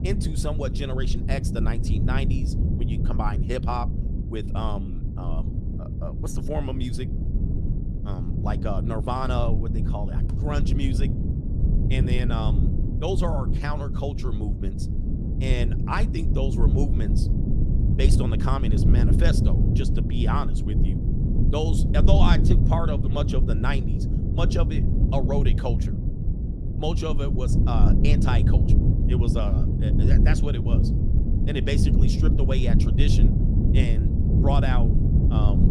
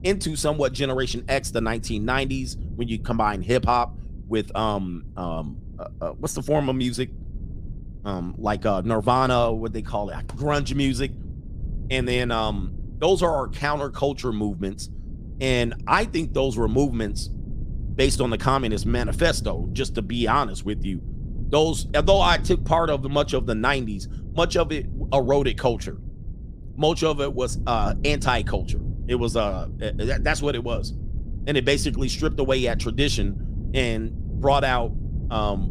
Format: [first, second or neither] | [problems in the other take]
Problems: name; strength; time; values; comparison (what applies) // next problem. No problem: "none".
second | low rumble; loud; throughout; 3 dB below the speech; faint in the second